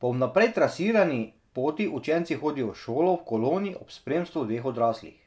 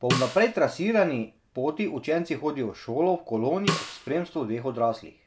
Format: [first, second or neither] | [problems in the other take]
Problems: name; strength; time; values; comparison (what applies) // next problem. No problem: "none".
first | background sound (Snare drum); 7 dB below the speech